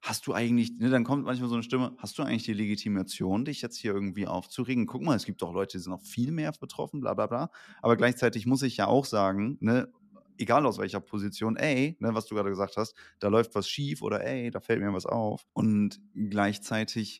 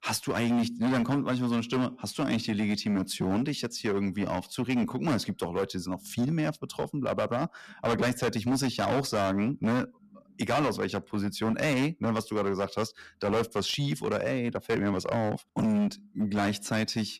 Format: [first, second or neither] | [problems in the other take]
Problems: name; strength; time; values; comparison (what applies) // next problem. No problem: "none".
first | distortion; heavy; 14% of the sound clipped